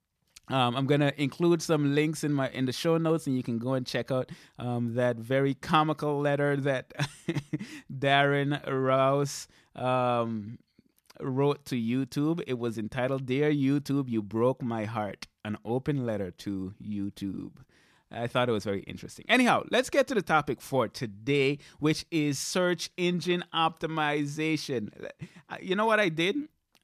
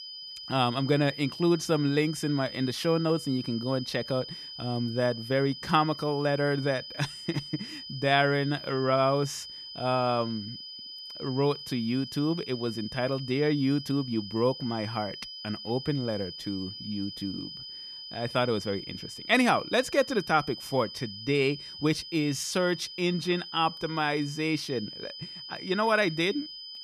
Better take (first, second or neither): first